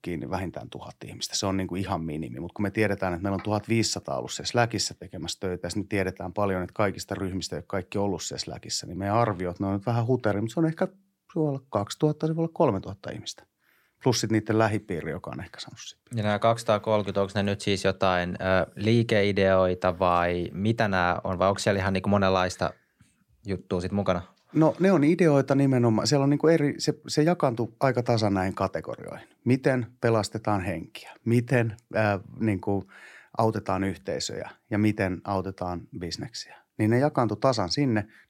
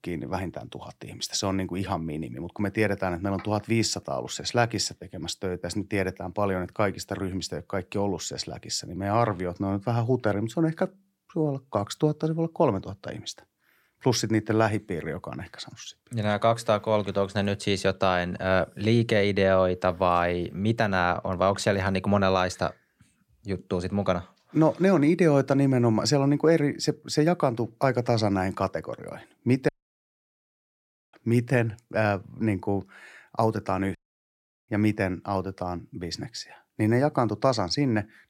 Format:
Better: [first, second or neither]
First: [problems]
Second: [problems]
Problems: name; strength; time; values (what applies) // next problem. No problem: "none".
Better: first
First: none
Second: audio cutting out; at 30 s for 1.5 s and at 34 s for 0.5 s